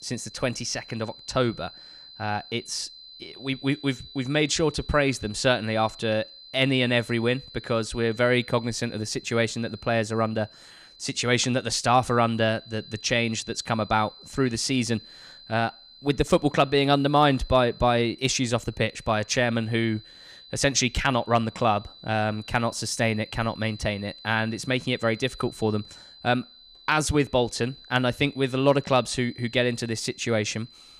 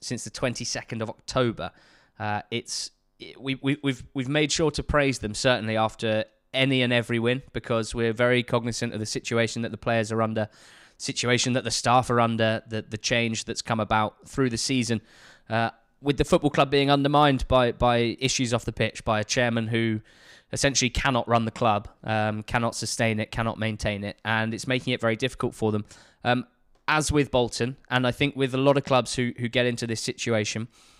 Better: second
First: high-pitched whine; noticeable; throughout; 4 kHz, 20 dB below the speech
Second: none

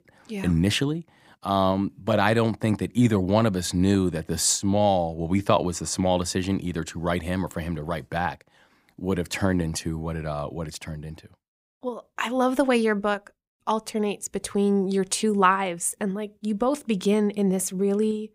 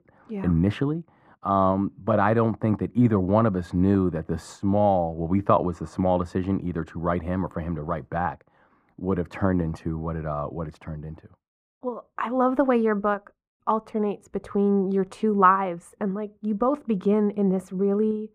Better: first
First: none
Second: muffled; very; fading above 2.5 kHz

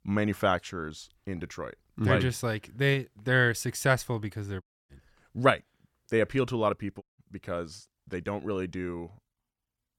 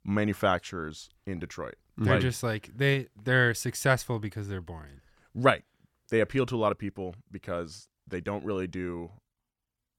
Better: second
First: audio cutting out; at 4.5 s and at 7 s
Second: none

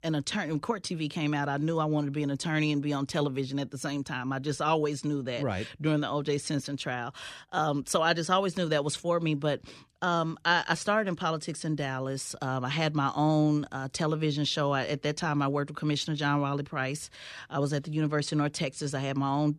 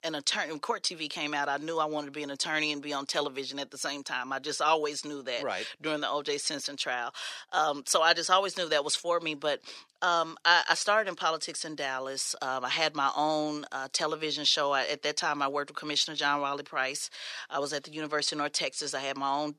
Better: first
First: none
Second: thin; somewhat; fading below 550 Hz

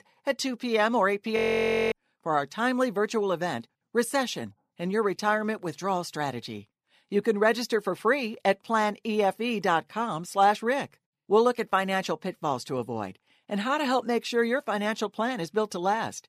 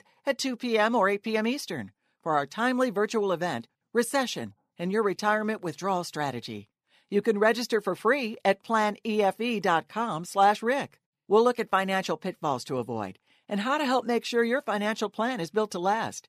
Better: second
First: audio freezing; at 1.5 s for 0.5 s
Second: none

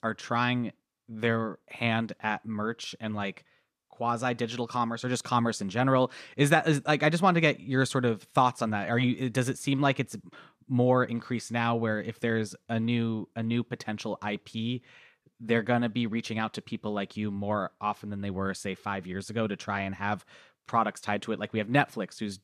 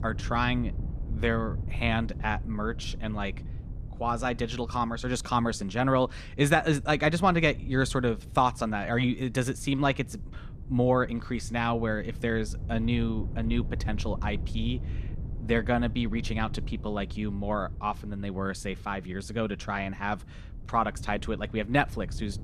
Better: first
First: none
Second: wind noise on the microphone; occasional gusts; 20 dB below the speech

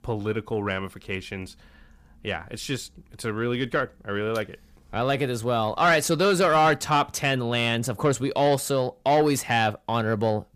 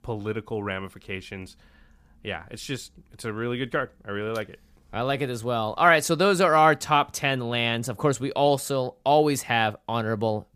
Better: second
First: distortion; slight; 10 dB below the speech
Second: none

